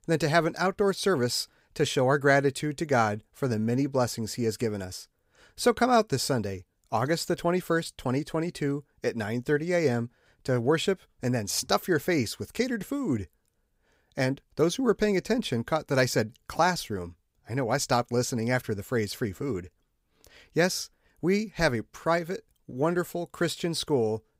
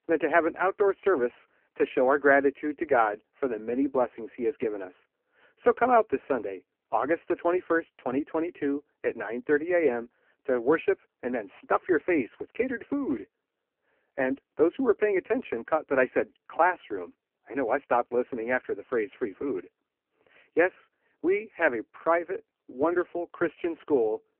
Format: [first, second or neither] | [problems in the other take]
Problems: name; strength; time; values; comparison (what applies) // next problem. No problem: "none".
first | phone-call audio; poor line